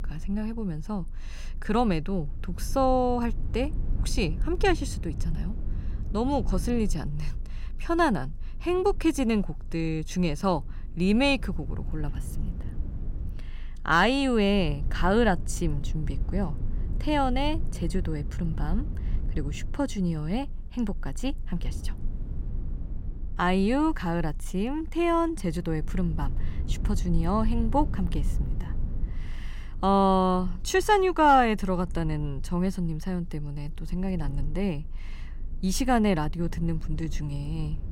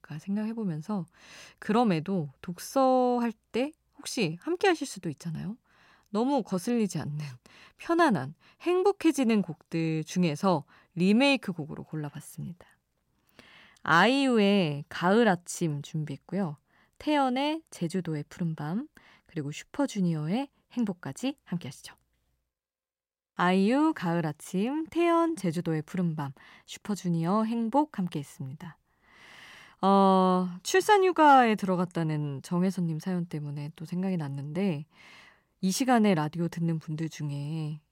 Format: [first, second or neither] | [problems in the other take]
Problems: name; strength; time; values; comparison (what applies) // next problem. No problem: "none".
second | low rumble; faint; throughout; 25 dB below the speech